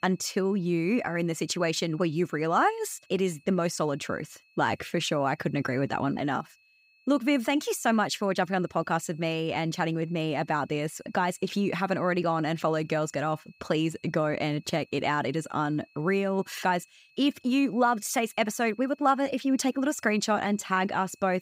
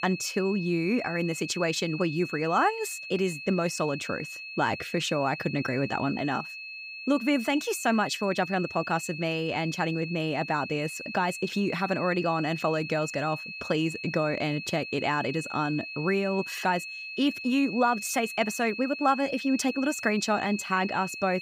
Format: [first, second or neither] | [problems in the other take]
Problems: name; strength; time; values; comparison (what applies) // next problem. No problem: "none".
first | high-pitched whine; loud; throughout; 2.5 kHz, 9 dB below the speech; faint in the first